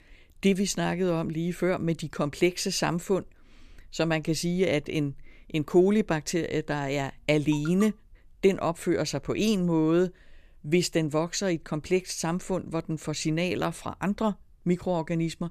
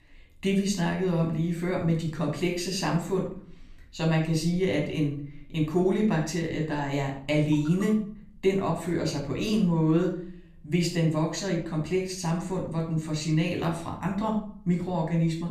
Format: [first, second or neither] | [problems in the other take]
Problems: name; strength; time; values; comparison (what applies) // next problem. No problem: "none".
first | off-mic speech; somewhat distant // room echo; slight; dies away in 0.5 s